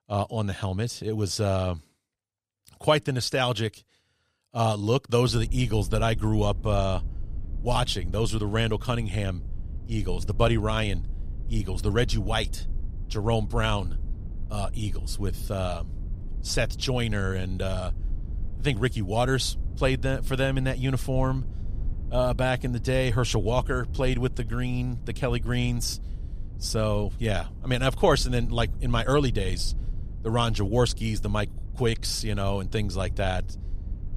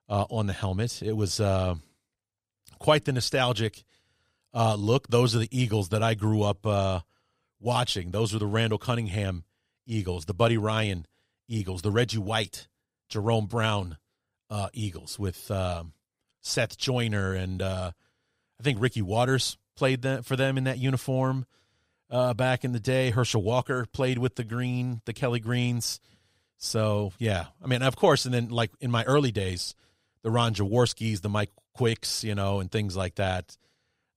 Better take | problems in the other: second | low rumble; faint; from 5.5 s on; 25 dB below the speech

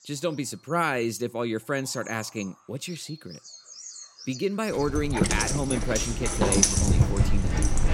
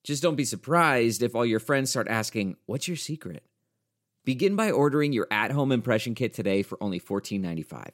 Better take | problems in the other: second | animal sounds; very loud; throughout; 5 dB above the speech

